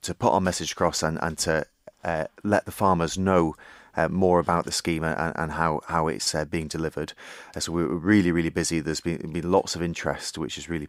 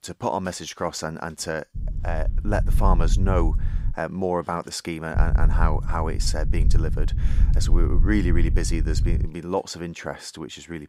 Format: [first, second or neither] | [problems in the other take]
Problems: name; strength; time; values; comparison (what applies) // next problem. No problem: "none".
first | low rumble; noticeable; from 2 to 4 s and from 5 to 9.5 s; 15 dB below the speech